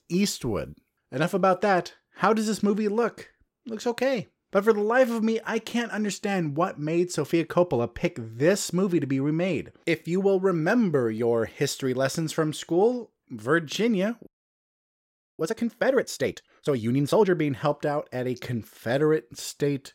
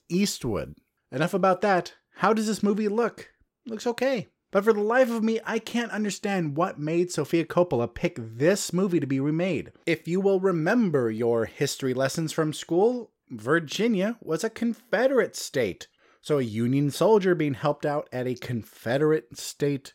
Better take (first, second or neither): second